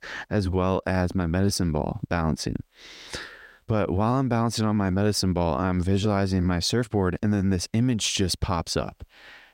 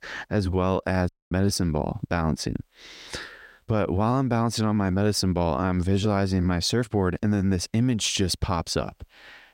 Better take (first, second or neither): first